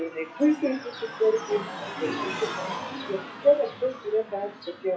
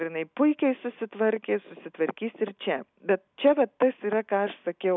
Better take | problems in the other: second | noise reduction (classical method WPE with log-MMSE)

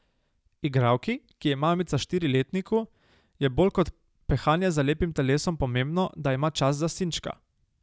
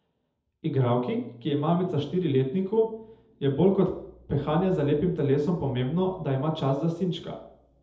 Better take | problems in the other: first | room echo; dies away in 0.7 s

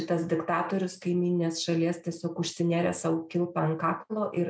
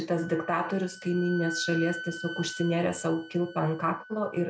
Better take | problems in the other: first | background sound (Wind instrument, woodwind instrument); 12 dB below the speech

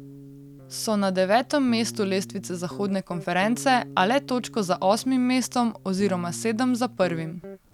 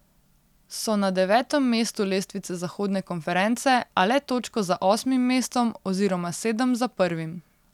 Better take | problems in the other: second | background sound (Guitar); 17 dB below the speech

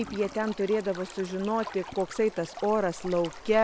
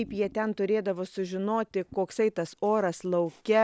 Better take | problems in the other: second | background sound (Stream); 15 dB below the speech

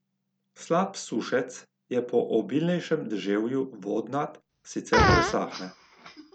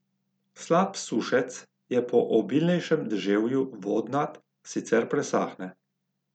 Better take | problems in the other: second | background sound (Fart); 1 dB above the speech

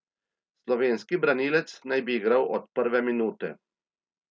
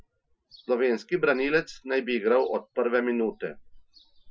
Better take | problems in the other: first | noise reduction (classical method Wiener filter)

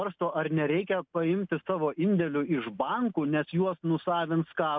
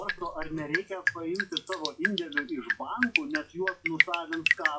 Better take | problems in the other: first | noise reduction (classical method WPE with log-MMSE)

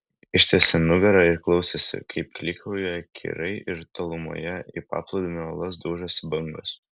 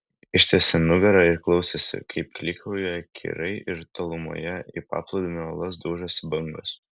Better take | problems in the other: second | background sound (Finger snapping); 12 dB below the speech

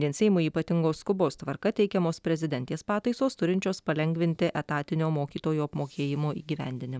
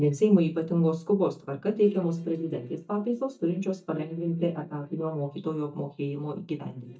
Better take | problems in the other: first | noise reduction (neural mask model DeepFilterNet 3)

